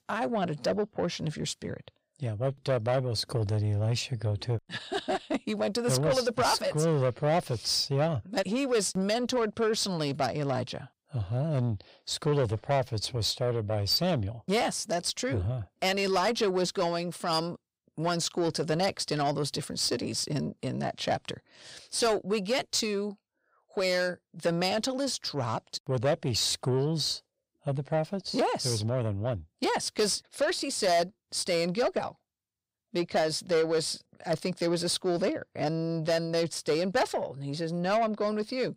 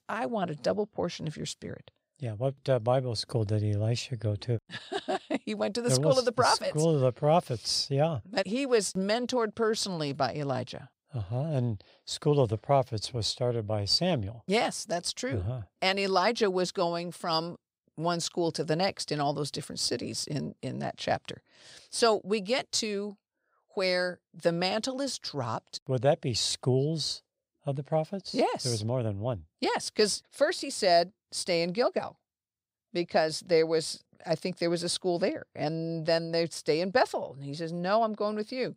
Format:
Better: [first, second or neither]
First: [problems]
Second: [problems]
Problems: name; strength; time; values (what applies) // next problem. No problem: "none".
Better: second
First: distortion; slight; 10 dB below the speech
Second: none